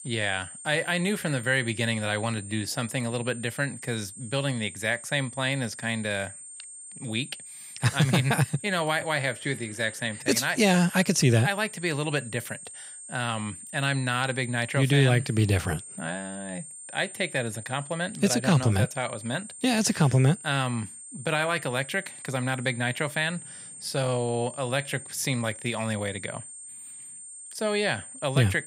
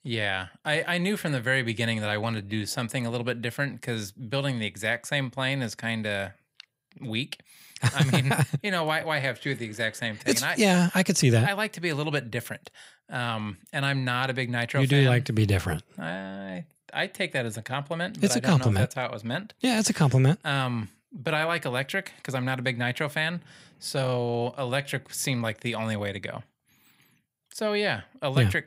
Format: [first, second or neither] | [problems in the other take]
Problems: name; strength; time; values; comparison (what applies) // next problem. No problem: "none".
second | high-pitched whine; noticeable; throughout; 8.5 kHz, 15 dB below the speech